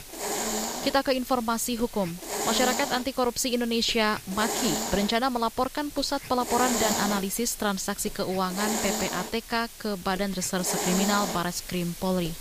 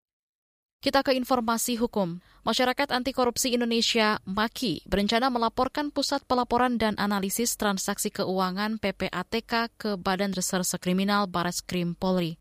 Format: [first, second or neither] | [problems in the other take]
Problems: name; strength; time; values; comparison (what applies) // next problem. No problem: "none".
second | hiss; loud; throughout; 4 dB below the speech